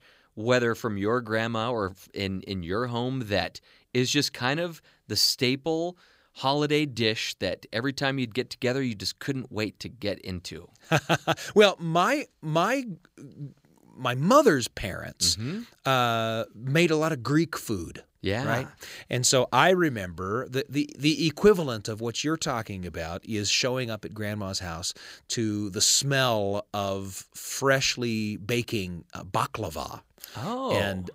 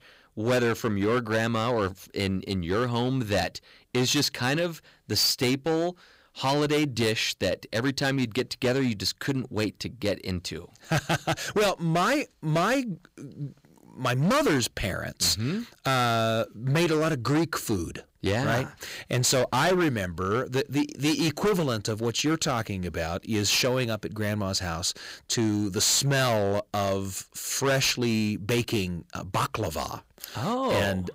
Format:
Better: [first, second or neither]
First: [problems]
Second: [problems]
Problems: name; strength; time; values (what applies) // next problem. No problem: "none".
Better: first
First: none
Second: distortion; heavy; 11% of the sound clipped